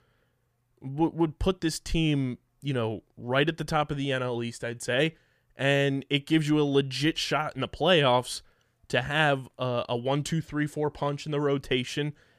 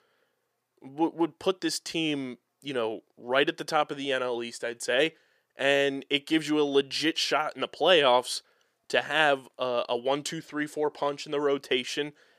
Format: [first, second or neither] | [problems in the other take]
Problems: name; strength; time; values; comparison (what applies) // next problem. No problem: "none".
first | thin; somewhat; fading below 400 Hz